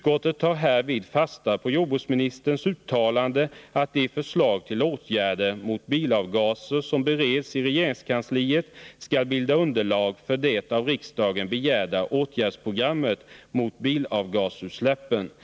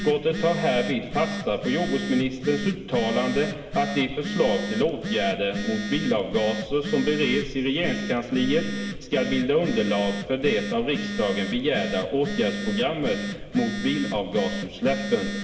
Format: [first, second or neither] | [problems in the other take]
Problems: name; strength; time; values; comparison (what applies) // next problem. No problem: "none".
first | background sound (Telephone); 6 dB below the speech // room echo; dies away in 1.7 s